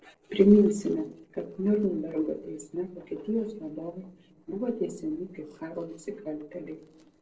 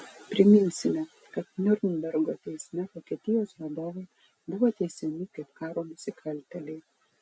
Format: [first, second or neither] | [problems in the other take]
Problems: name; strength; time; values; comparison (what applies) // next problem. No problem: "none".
second | noise reduction (neural separator model SepFormer DNS4)